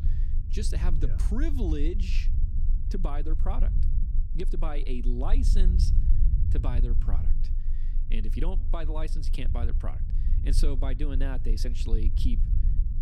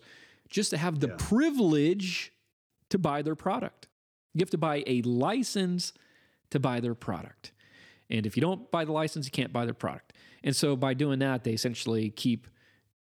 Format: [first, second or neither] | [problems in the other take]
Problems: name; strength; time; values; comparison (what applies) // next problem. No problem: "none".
second | low rumble; loud; throughout; 9 dB below the speech